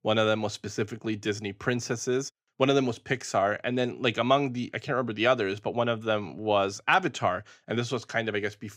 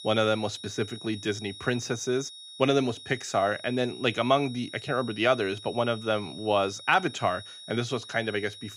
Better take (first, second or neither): first